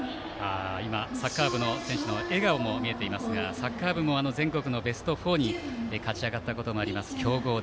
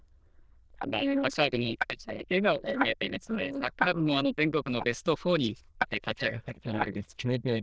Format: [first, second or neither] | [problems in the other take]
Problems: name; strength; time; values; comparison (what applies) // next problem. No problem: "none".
first | noise reduction (neural diffusion model UNIVERSE++)